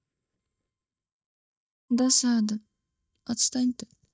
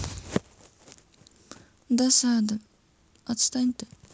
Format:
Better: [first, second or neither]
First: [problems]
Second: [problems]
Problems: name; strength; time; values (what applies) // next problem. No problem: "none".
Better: second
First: noise reduction (neural mask model DeepFilterNet 3)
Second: none